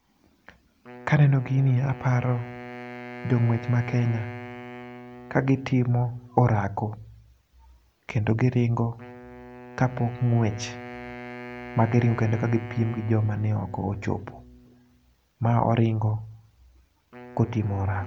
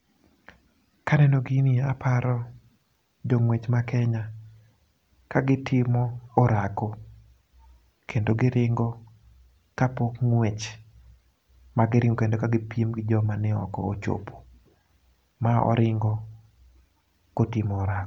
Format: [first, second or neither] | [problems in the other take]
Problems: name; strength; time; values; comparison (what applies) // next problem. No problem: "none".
second | background sound (Wind instrument, woodwind instrument); 16 dB below the speech